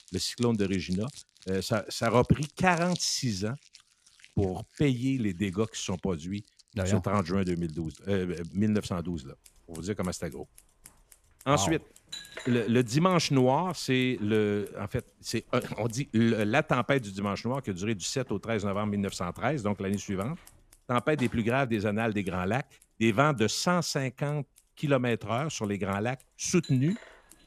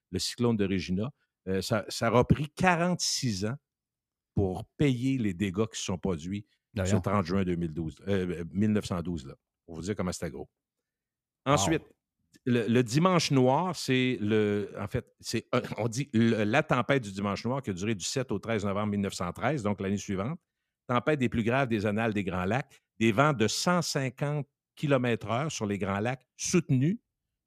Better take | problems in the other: second | household noises; faint; throughout; 20 dB below the speech

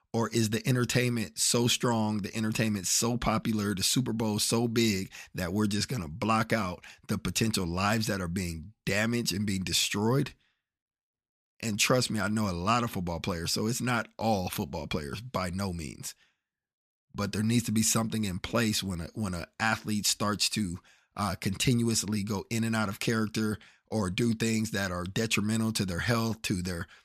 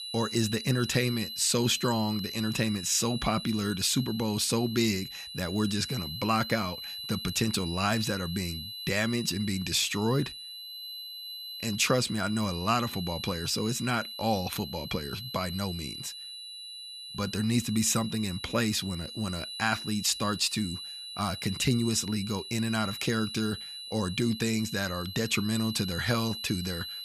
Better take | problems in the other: first | high-pitched whine; loud; throughout; 4 kHz, 9 dB below the speech

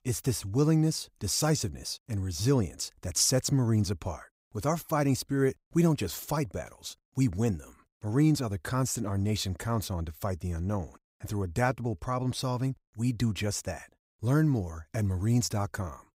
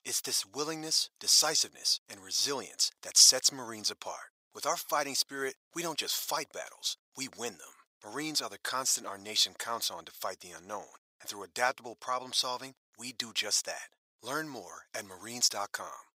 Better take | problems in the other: first | thin; very; fading below 750 Hz

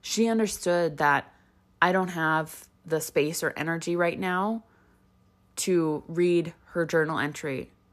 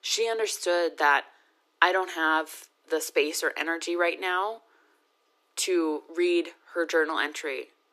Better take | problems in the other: first | thin; very; fading below 300 Hz

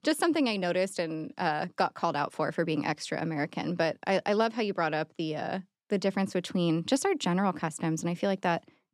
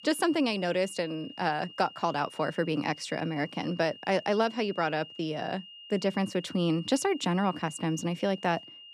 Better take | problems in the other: first | high-pitched whine; noticeable; throughout; 3 kHz, 15 dB below the speech

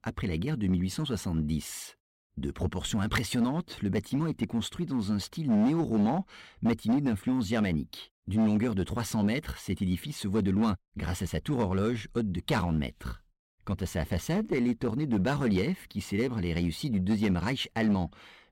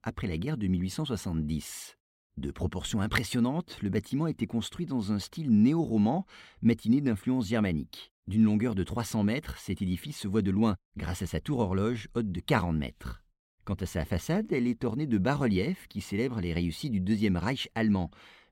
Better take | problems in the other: second | distortion; slight; 7% of the sound clipped

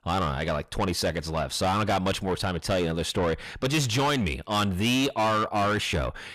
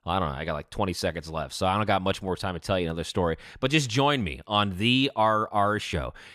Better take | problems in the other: second | distortion; heavy; 7 dB below the speech

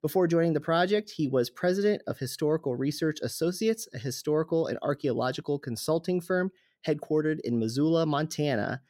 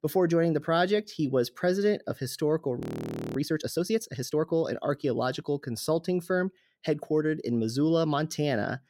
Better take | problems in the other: first | audio freezing; at 3 s for 0.5 s

